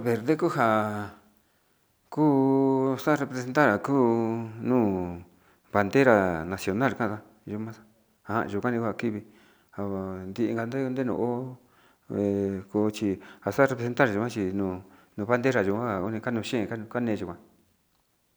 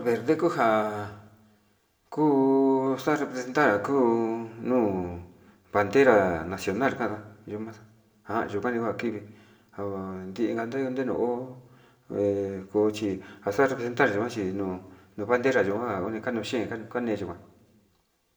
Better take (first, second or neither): first